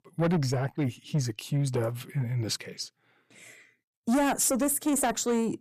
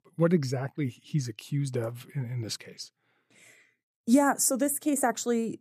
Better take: second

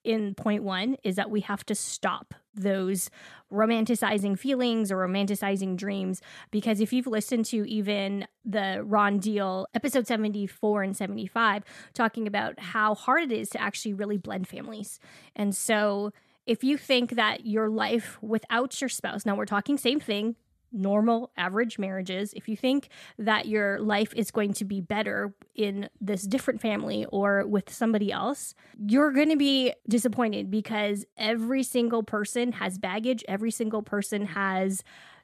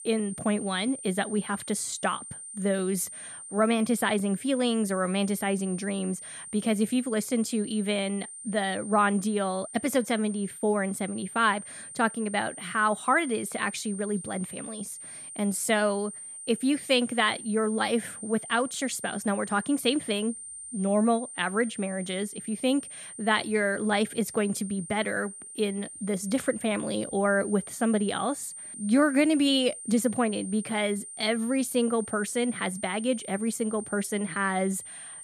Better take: first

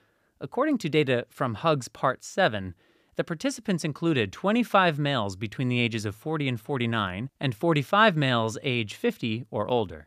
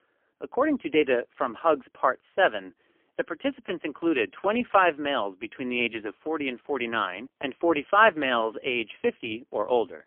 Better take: first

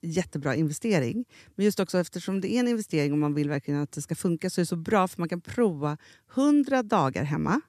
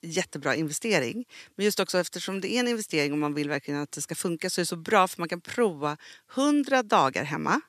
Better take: first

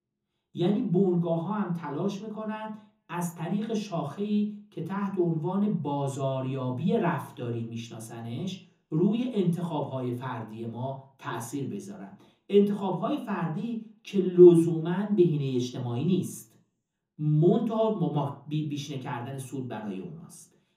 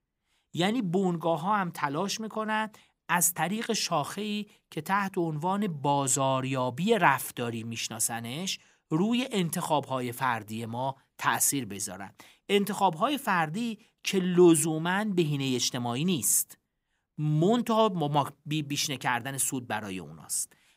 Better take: second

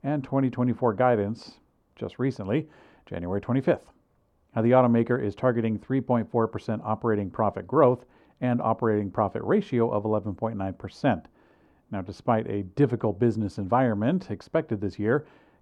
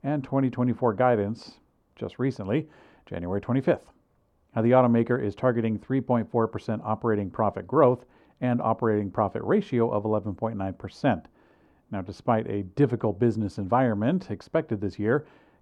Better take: neither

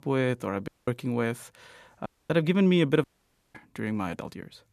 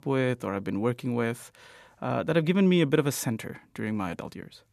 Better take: second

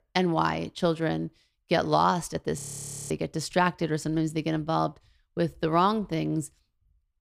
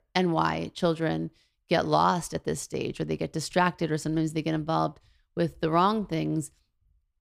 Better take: second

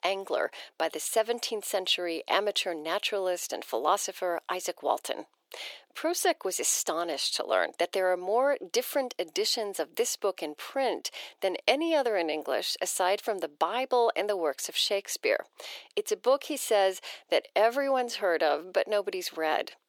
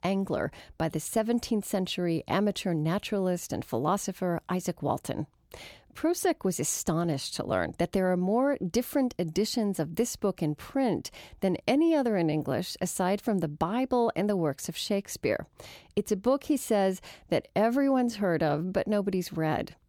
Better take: second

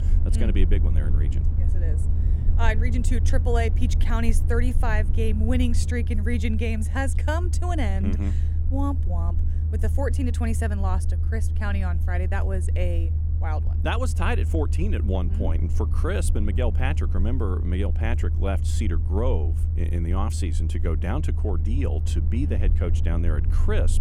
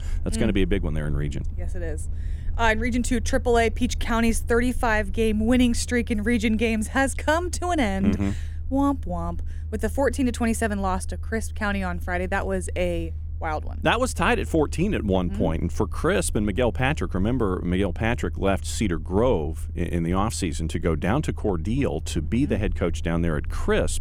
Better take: second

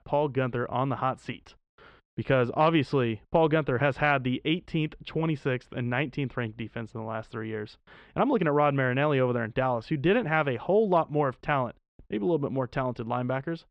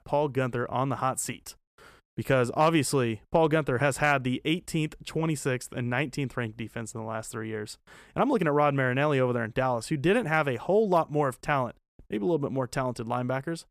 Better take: second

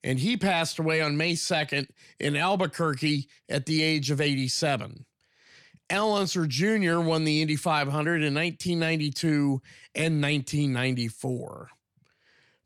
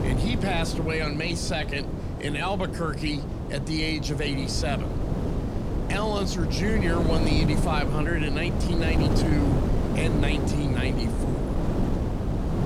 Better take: first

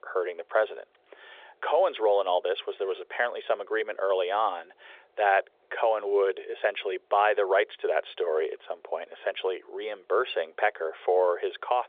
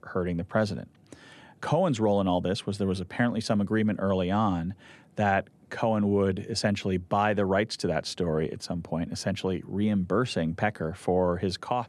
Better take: second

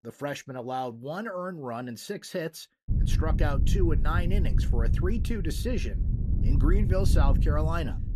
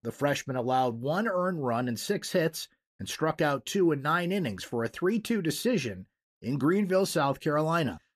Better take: second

